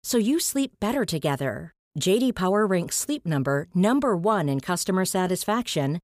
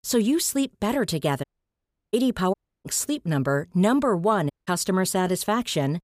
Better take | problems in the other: first | audio cutting out; at 1.5 s for 0.5 s, at 2.5 s and at 4.5 s

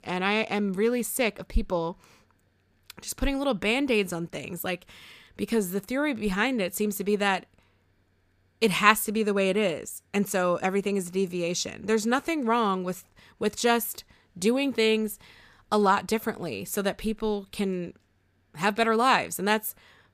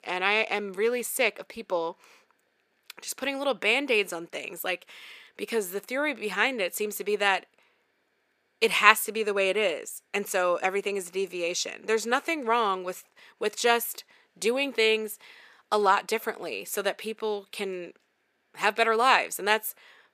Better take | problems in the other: first | thin; somewhat; fading below 450 Hz

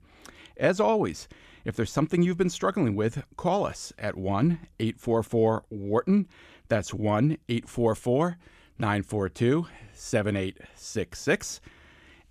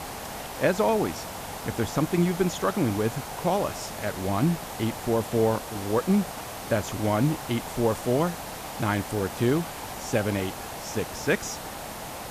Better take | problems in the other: first | hiss; loud; throughout; 9 dB below the speech

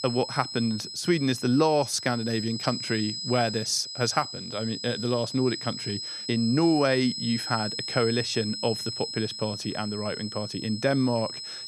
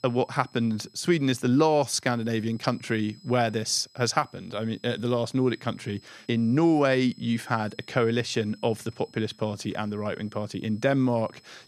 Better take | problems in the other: second | high-pitched whine; loud; throughout; 5 kHz, 6 dB below the speech; faint in the second

